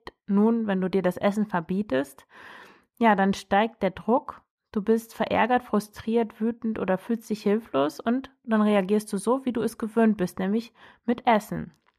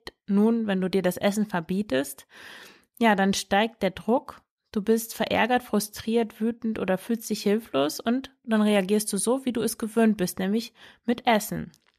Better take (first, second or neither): second